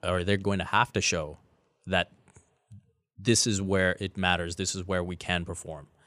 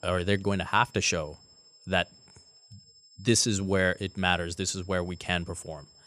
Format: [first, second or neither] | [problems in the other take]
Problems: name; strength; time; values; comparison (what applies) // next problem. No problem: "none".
first | high-pitched whine; faint; throughout; 5 kHz, 25 dB below the speech